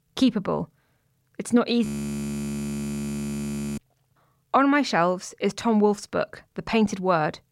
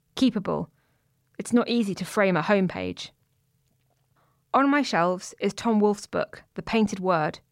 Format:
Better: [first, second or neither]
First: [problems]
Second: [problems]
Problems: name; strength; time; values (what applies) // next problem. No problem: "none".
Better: second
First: audio freezing; at 2 s for 2 s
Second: none